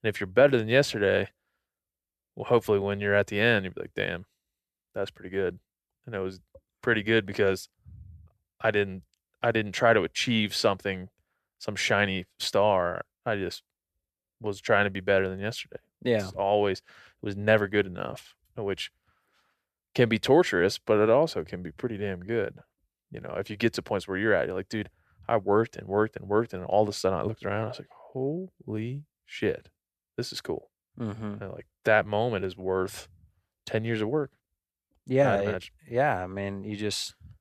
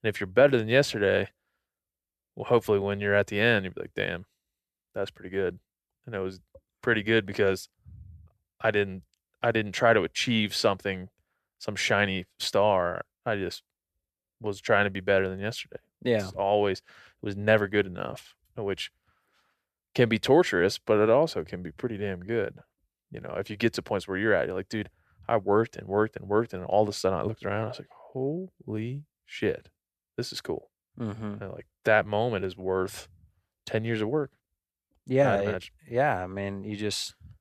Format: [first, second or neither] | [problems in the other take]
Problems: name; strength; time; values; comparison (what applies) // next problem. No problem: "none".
neither | none